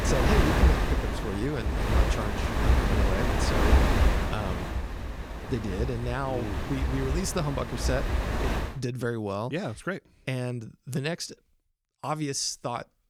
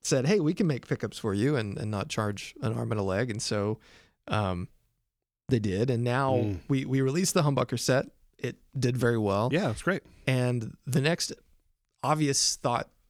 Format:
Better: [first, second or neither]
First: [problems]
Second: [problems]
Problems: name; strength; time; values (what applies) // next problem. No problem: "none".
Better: second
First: wind noise on the microphone; heavy; until 8.5 s; 2 dB above the speech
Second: none